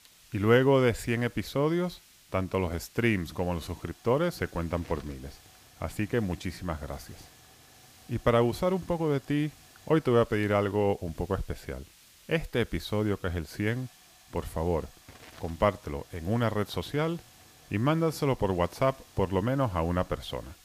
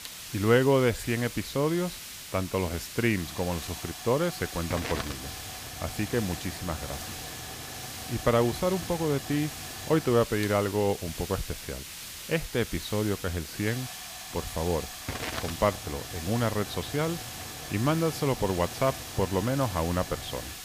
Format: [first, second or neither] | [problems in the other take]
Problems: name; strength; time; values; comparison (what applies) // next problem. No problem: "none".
first | hiss; loud; throughout; 8 dB below the speech; faint in the first